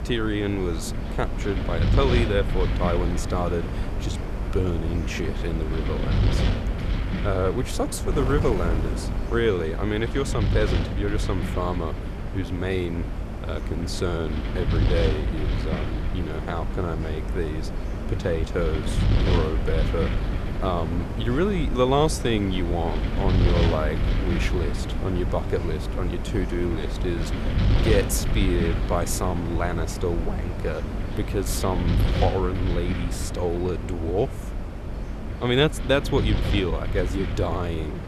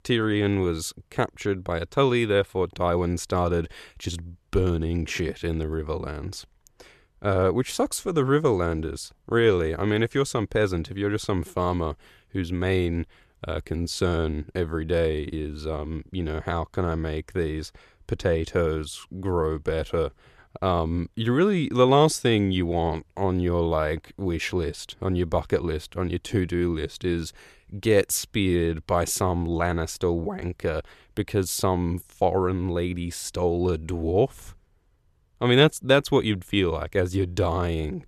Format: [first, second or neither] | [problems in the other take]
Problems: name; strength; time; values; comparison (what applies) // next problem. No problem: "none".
second | wind noise on the microphone; heavy; 6 dB below the speech